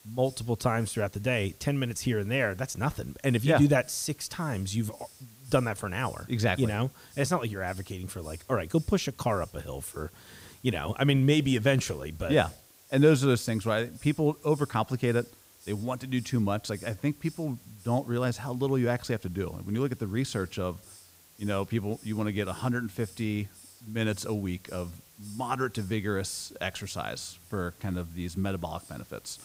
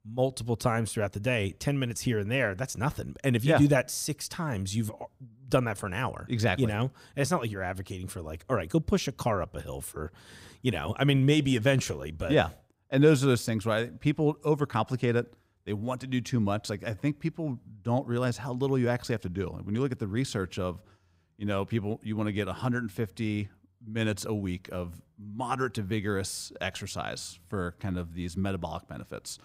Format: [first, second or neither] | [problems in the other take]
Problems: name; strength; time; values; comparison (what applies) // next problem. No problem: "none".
second | hiss; faint; throughout; 20 dB below the speech